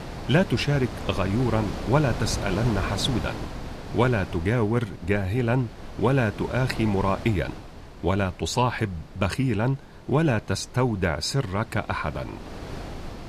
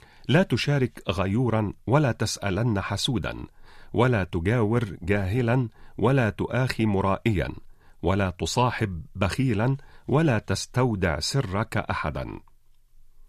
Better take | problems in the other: second | wind noise on the microphone; occasional gusts; 10 dB below the speech

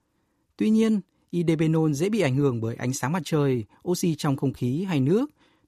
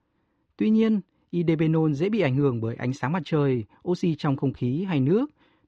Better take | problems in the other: first | muffled; slightly; fading above 3.5 kHz

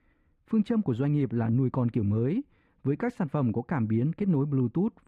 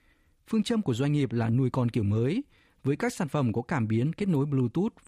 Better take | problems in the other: second | muffled; very; fading above 3 kHz

